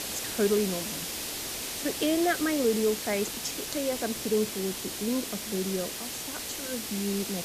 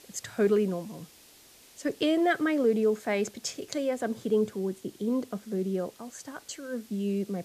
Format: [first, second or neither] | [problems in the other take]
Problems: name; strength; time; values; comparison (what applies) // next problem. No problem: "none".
second | hiss; loud; throughout; 3 dB below the speech; faint in the second